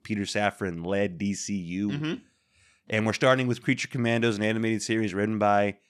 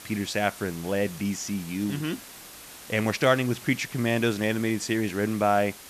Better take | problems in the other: first | hiss; noticeable; throughout; 15 dB below the speech

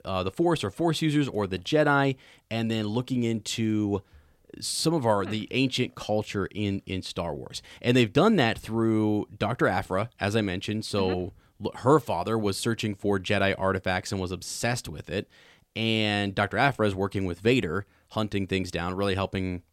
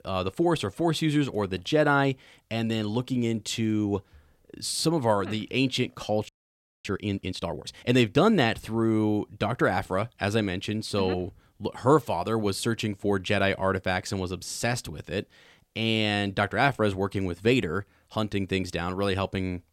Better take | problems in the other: first | audio freezing; at 6.5 s for 0.5 s

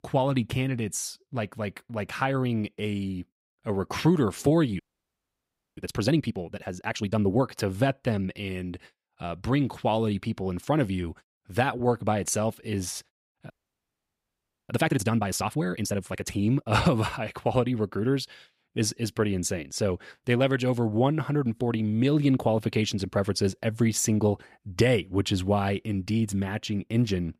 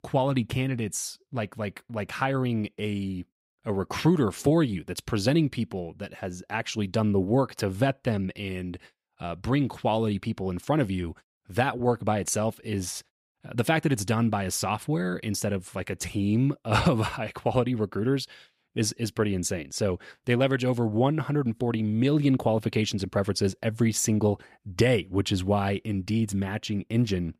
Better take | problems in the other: second | audio freezing; at 5 s for 1 s and at 14 s for 1 s

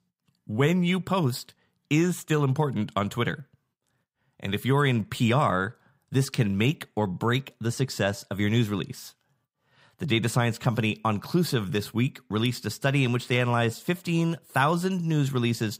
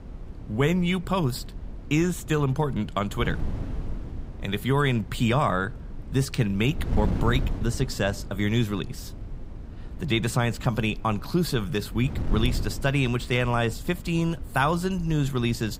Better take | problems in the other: first | wind noise on the microphone; occasional gusts; 20 dB below the speech

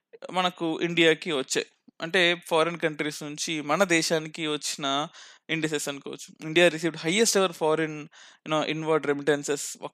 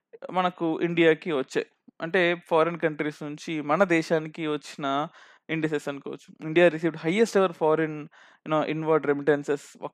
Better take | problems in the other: first | muffled; very; fading above 3 kHz

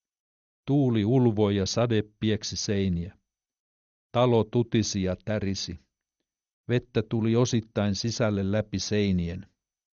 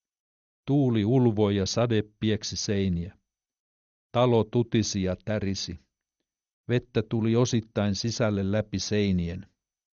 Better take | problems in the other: neither | garbled, watery; slightly; nothing above 6.5 kHz; the same in both

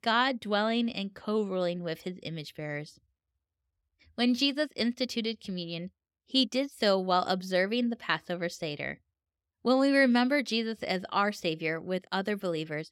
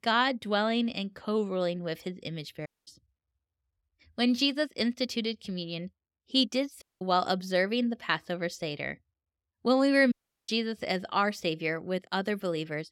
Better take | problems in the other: first | audio cutting out; at 2.5 s, at 7 s and at 10 s

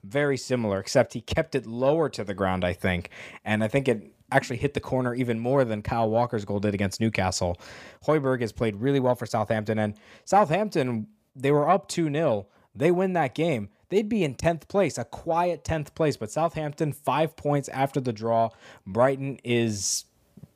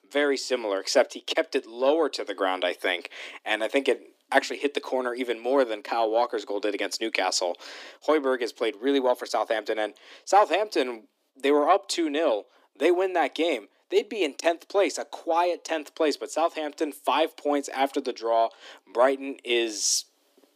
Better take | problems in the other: first | thin; somewhat; fading below 300 Hz

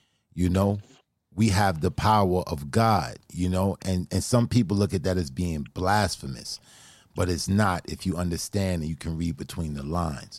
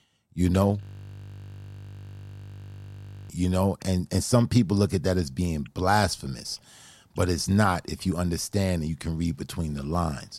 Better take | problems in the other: first | audio freezing; at 1 s for 2.5 s

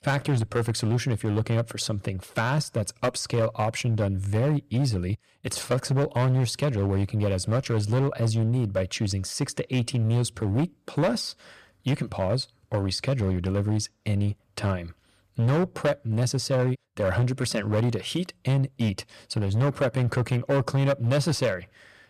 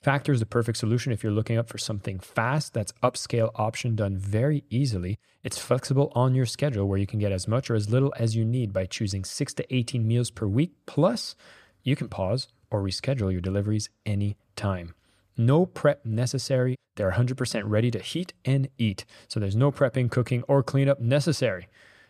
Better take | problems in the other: second | distortion; slight; 10% of the sound clipped

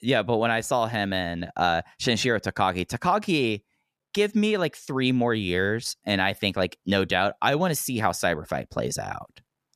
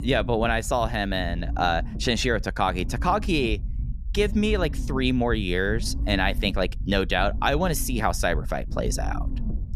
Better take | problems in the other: first | low rumble; faint; throughout; 20 dB below the speech

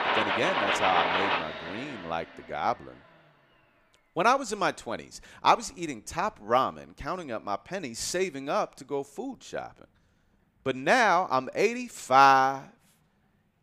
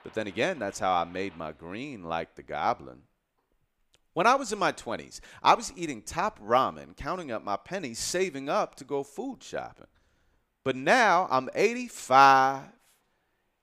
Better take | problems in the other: second | household noises; loud; throughout; 1 dB below the speech; faint in the second

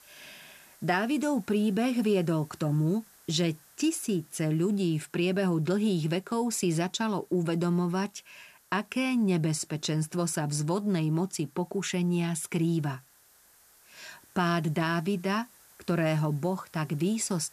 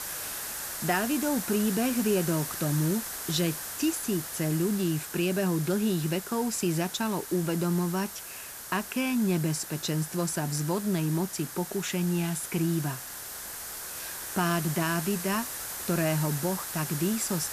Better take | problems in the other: first | hiss; loud; throughout; 6 dB below the speech; faint in the first

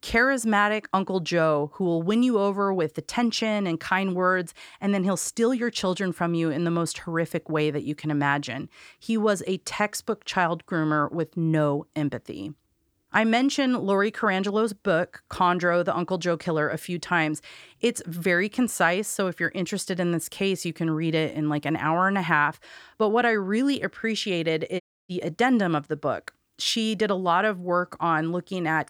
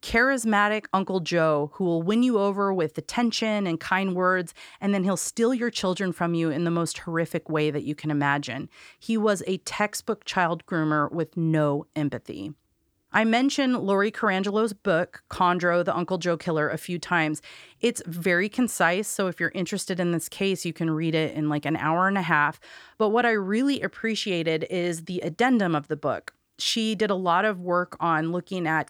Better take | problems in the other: second | audio cutting out; at 25 s

